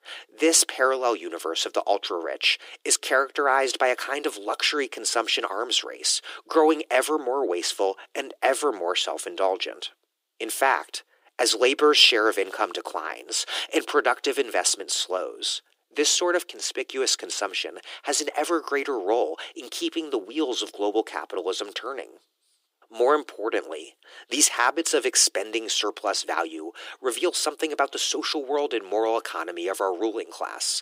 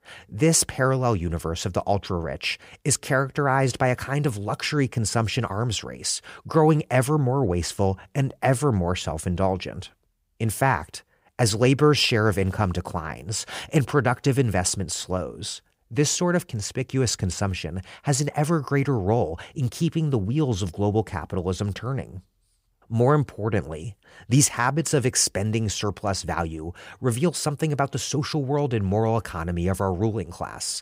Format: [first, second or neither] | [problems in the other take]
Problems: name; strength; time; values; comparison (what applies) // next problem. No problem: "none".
second | thin; very; fading below 300 Hz